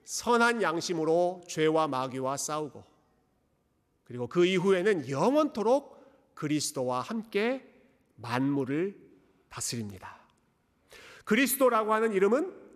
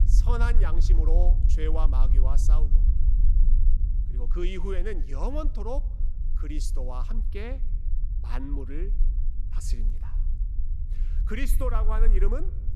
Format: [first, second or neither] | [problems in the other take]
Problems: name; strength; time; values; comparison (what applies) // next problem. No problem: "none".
first | low rumble; noticeable; throughout; 10 dB below the speech